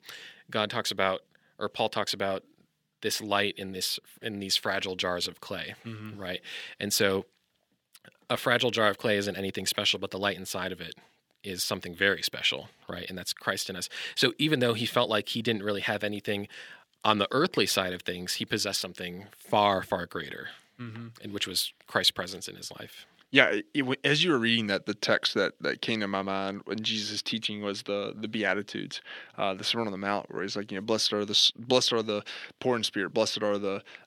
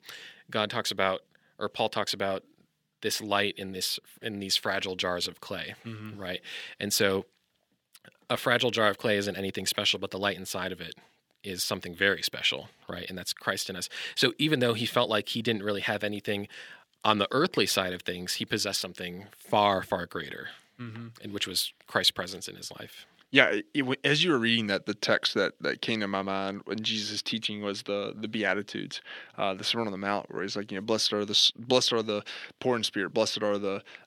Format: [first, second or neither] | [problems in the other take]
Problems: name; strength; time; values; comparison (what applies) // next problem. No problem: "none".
neither | thin; somewhat; fading below 300 Hz; the same in both